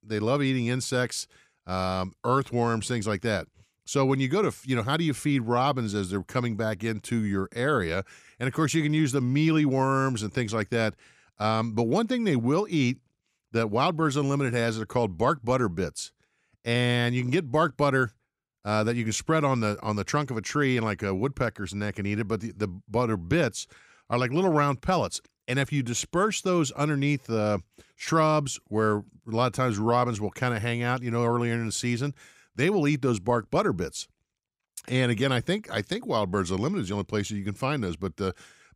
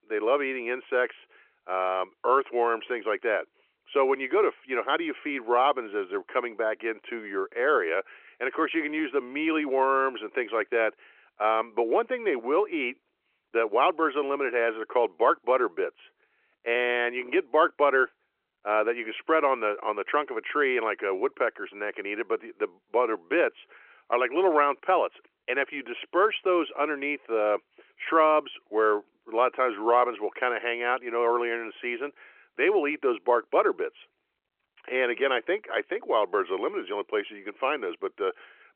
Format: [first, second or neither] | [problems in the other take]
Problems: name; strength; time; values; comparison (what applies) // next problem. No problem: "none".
first | phone-call audio